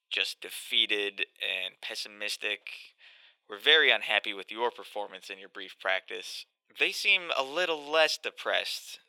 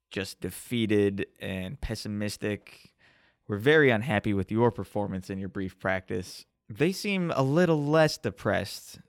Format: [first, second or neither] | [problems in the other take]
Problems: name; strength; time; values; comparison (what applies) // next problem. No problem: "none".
second | thin; very; fading below 550 Hz